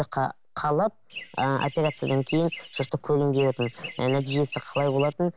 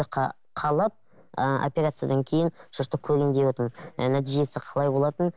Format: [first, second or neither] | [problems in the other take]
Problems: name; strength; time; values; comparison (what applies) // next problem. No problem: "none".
second | background sound (Chirp, tweet); 13 dB below the speech